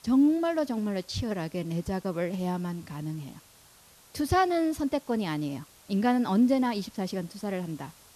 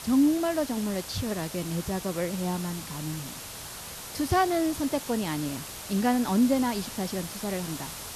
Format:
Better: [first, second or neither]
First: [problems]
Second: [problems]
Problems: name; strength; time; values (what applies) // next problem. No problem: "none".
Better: first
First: hiss; faint; throughout; 25 dB below the speech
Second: hiss; loud; throughout; 9 dB below the speech